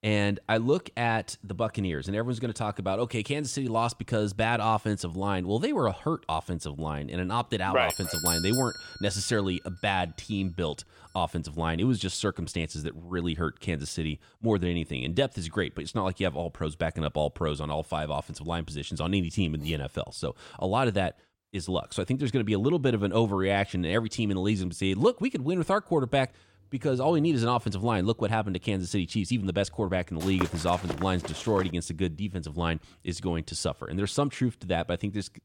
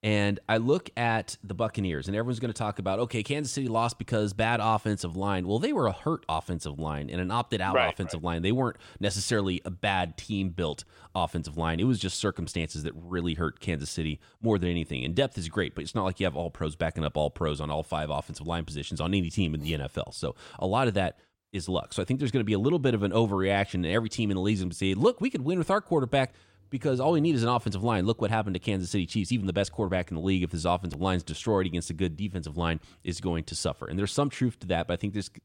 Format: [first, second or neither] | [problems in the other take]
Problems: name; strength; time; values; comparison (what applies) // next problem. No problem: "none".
second | doorbell; loud; at 8 s; peak 2 dB above the speech // footsteps; noticeable; from 30 to 32 s; peak 6 dB below the speech